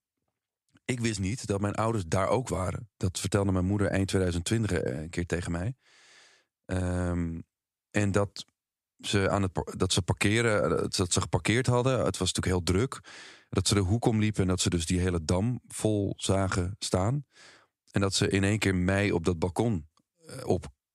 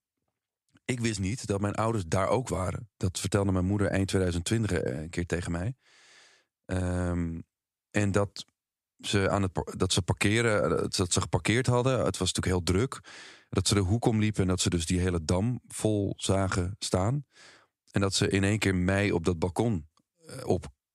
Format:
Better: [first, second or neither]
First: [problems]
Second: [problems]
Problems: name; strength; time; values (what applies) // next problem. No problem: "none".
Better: neither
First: none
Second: none